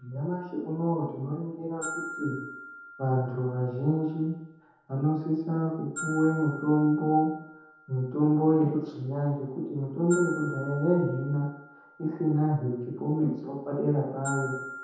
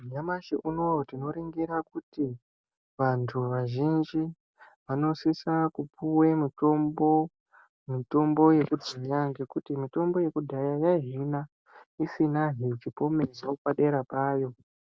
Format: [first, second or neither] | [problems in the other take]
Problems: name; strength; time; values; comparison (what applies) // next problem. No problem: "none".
second | background sound (Glockenspiel); 15 dB below the speech // room echo; dies away in 0.9 s